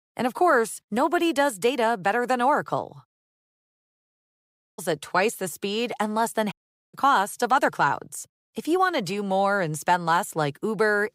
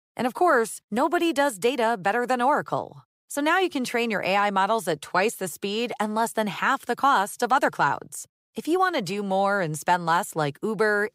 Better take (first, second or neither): second